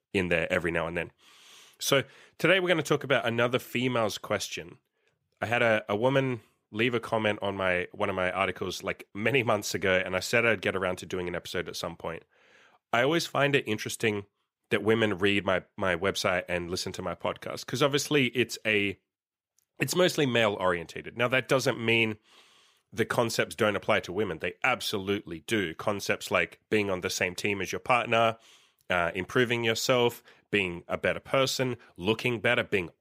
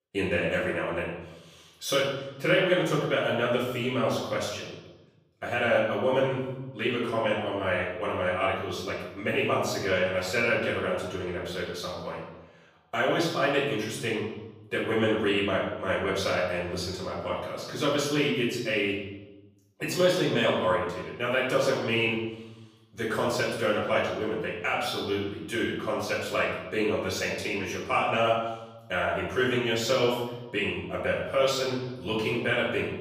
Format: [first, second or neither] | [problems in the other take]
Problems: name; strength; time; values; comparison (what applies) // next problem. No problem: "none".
first | off-mic speech; far // room echo; noticeable; dies away in 0.9 s